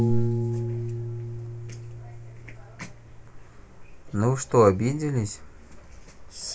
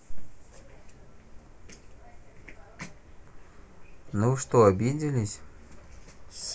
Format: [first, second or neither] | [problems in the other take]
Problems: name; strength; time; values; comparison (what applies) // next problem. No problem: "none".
second | background sound (Piano); 4 dB below the speech